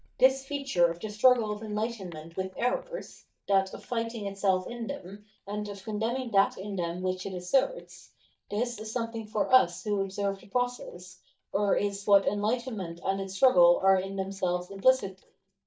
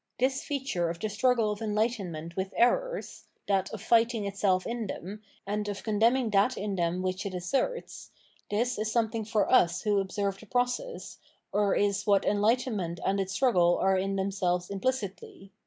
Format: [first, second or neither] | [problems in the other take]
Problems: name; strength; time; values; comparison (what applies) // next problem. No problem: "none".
second | noise reduction (neural mask model DeepFilterNet 3)